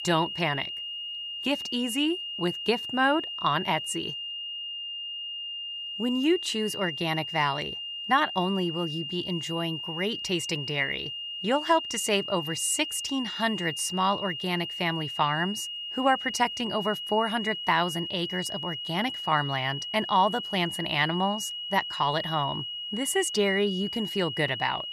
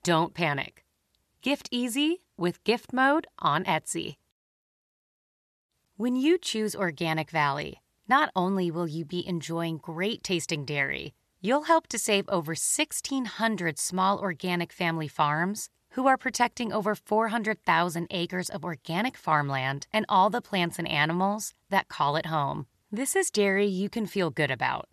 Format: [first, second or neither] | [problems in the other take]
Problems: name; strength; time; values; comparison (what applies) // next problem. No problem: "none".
second | high-pitched whine; loud; throughout; 3 kHz, 5 dB below the speech